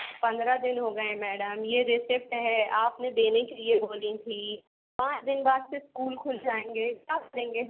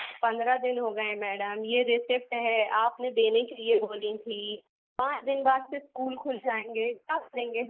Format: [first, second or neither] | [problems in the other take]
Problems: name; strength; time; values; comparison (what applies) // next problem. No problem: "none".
first | noise reduction (neural mask model Resemble Enhance denoiser)